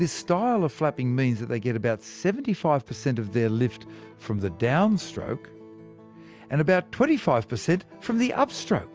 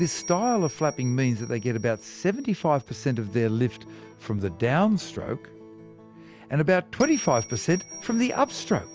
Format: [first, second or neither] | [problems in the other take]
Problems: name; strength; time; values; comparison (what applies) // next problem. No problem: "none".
first | background sound (Bell); 18 dB below the speech